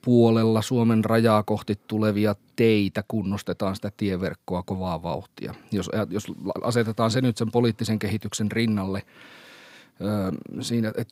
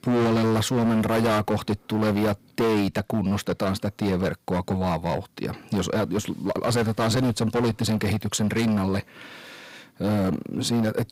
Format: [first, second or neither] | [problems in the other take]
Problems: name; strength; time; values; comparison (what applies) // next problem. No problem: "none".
first | distortion; heavy; 18% of the sound clipped